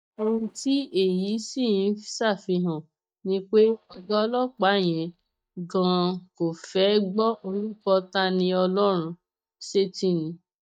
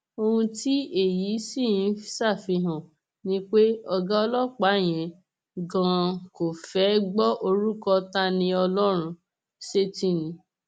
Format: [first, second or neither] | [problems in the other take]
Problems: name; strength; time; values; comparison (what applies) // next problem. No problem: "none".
second | noise reduction (neural mask model DeepFilterNet 3)